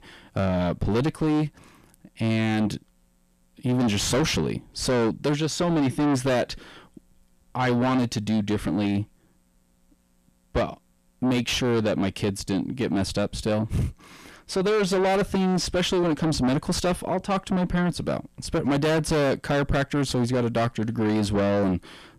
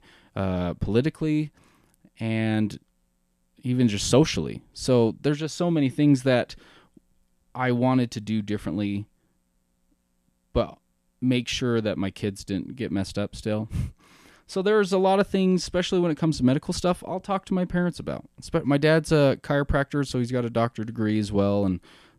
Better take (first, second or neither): second